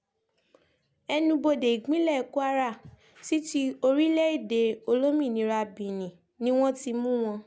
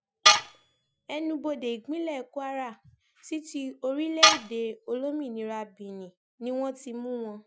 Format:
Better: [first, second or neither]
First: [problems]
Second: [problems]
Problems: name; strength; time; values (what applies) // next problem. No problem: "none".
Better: first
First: none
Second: noise reduction (classical method Wiener filter)